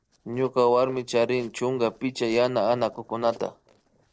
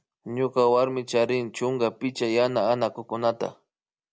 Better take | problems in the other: second | noise reduction (neural separator model SepFormer DNS4)

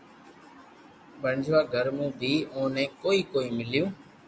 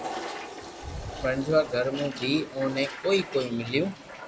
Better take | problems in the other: first | background sound (Toilet flush); 11 dB below the speech

